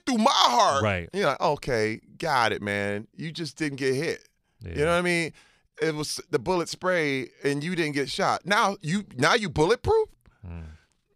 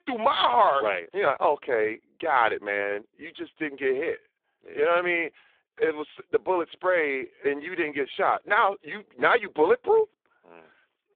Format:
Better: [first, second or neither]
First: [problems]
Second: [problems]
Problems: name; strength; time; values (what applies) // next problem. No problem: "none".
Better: first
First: none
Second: phone-call audio; poor line; nothing above 3.5 kHz